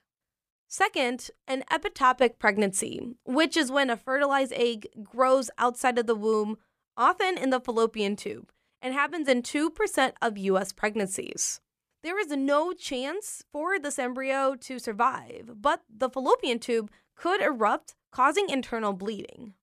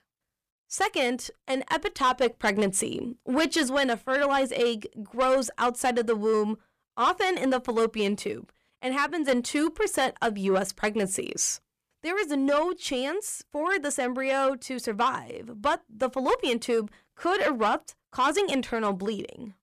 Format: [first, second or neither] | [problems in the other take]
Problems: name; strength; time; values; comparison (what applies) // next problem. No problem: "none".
first | distortion; slight; 10 dB below the speech